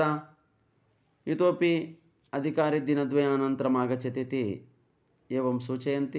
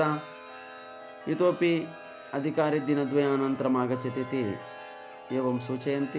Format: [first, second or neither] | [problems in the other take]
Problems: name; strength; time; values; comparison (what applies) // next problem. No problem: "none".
first | background sound (Chime); 15 dB below the speech